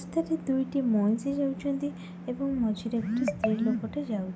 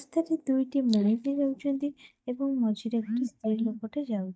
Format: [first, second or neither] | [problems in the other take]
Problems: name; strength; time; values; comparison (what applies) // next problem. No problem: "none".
first | noise reduction (neural mask model DeepFilterNet 3)